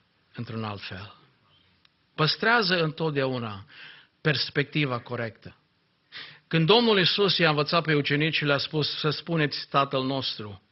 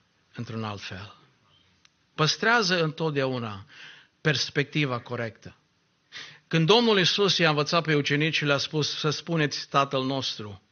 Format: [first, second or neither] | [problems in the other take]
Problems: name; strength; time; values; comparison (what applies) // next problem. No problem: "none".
second | garbled, watery; badly; nothing above 5.5 kHz; slightly in the second